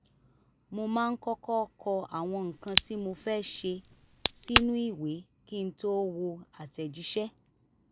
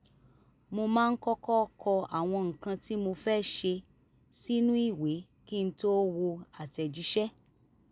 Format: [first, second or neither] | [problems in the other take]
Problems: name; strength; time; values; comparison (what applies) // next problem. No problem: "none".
second | background sound (Crack); 2 dB above the speech